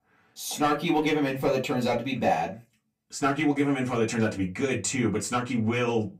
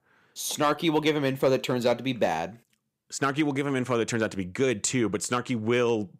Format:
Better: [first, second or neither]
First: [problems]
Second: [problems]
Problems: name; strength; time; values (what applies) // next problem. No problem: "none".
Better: second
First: off-mic speech; far // room echo; very slight; dies away in 0.2 s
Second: none